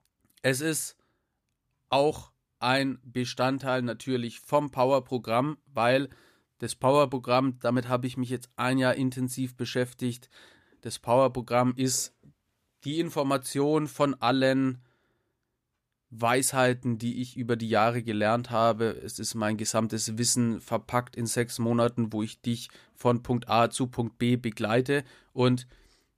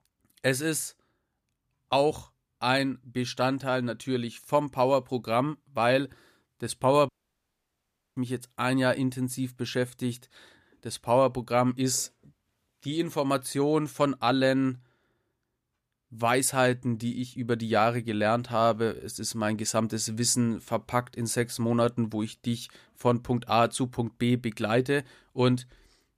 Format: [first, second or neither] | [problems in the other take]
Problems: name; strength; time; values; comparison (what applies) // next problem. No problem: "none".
first | audio cutting out; at 7 s for 1 s